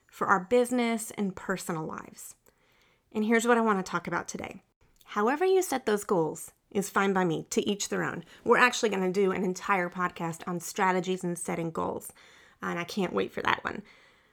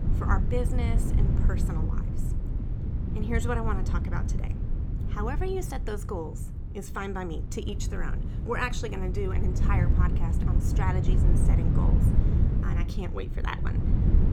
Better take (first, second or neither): first